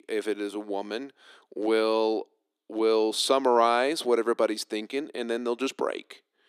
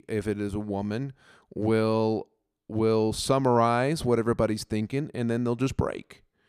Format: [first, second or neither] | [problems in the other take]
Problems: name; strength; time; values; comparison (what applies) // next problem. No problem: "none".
second | thin; somewhat; fading below 300 Hz